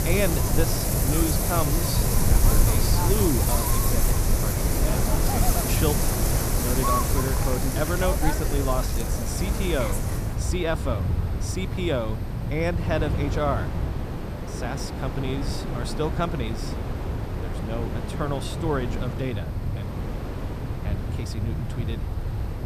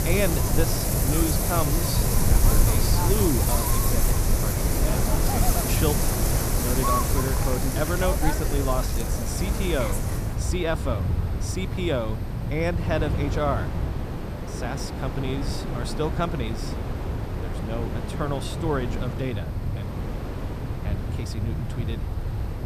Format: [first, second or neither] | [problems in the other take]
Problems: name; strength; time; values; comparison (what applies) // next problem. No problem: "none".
neither | wind in the background; very loud; throughout; 4 dB above the speech; the same in both